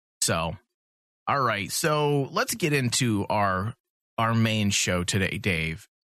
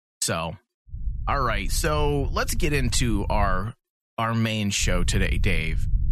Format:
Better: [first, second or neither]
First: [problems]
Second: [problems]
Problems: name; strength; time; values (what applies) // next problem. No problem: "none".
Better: first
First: none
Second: low rumble; faint; from 1 to 3.5 s and from 5 s on; 25 dB below the speech